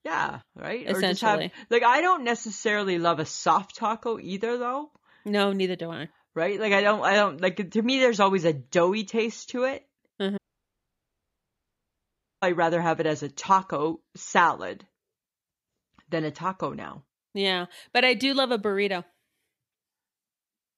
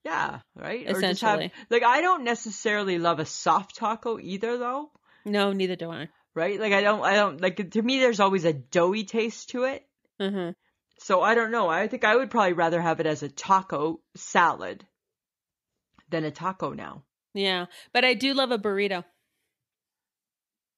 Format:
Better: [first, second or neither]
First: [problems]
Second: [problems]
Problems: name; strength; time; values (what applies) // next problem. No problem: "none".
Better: second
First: audio cutting out; at 10 s for 2 s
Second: none